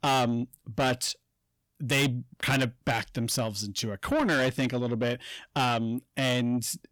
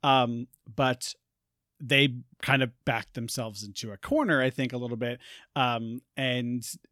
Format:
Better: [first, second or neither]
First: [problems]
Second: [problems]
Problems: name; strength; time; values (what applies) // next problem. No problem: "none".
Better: second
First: distortion; heavy; 6 dB below the speech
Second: none